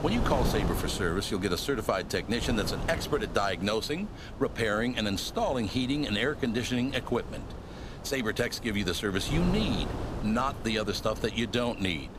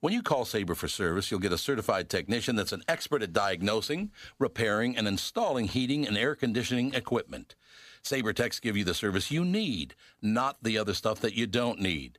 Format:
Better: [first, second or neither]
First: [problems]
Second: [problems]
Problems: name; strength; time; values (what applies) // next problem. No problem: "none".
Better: second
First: wind noise on the microphone; occasional gusts; 10 dB below the speech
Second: none